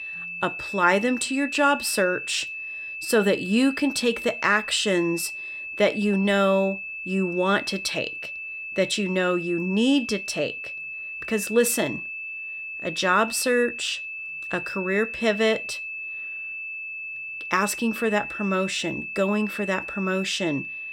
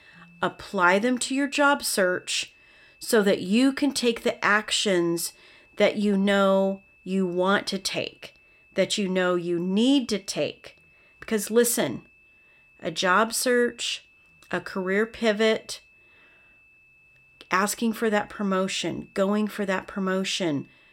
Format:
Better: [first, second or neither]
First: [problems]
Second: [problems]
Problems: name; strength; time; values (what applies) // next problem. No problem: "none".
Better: second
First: high-pitched whine; loud; throughout; 2.5 kHz, 7 dB below the speech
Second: high-pitched whine; faint; throughout; 2.5 kHz, 30 dB below the speech